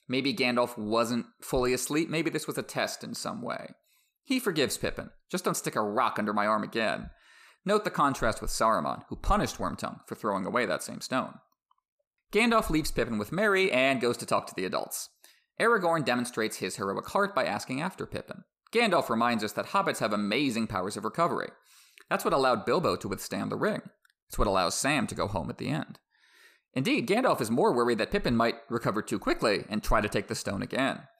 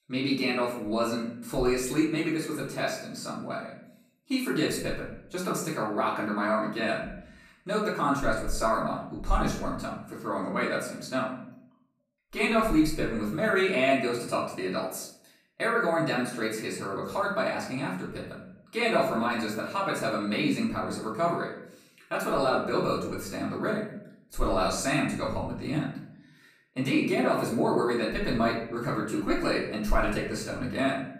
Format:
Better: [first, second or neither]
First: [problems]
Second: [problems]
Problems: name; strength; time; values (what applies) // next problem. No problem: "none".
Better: first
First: none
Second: off-mic speech; far // room echo; noticeable; dies away in 0.6 s